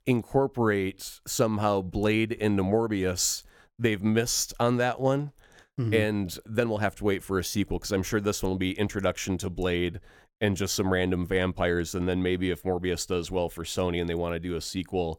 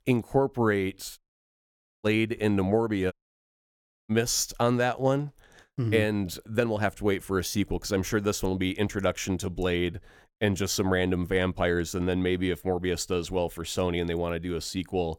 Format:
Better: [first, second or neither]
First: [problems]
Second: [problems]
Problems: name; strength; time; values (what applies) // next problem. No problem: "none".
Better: first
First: none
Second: audio cutting out; at 1 s for 1 s and at 3 s for 1 s